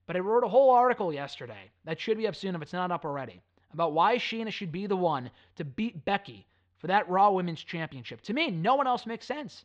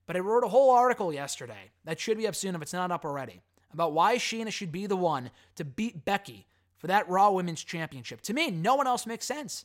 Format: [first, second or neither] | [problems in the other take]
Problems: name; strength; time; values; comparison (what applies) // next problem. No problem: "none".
second | muffled; slightly; fading above 4 kHz